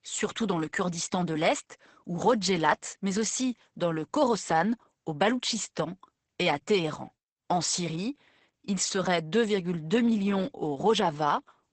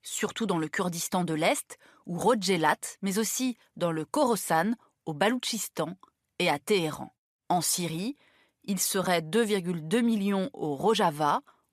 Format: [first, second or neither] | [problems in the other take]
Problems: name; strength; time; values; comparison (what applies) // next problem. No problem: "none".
second | garbled, watery; badly; nothing above 8 kHz